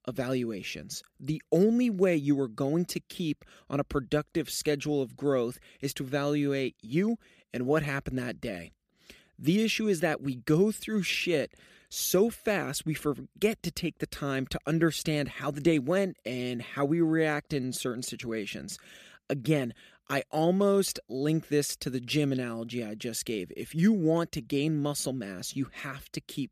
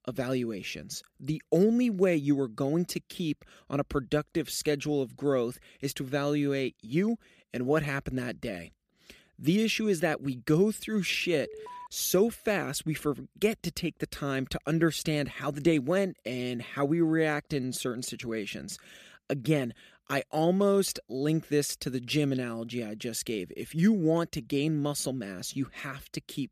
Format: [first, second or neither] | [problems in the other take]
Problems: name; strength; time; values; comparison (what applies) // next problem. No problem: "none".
first | alarm; faint; at 11 s; peak 15 dB below the speech